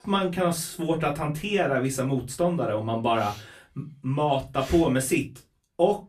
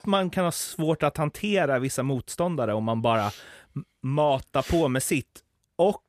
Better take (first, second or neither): second